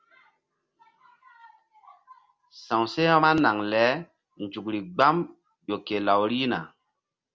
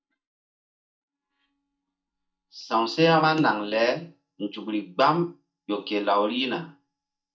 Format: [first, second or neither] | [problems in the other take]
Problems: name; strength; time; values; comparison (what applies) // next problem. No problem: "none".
first | noise reduction (neural mask model DeepFilterNet 3)